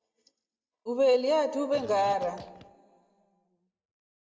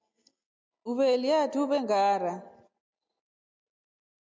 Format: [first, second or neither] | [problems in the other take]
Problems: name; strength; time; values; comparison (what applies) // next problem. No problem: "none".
second | background sound (Fart); 18 dB below the speech // room echo; dies away in 1.1 s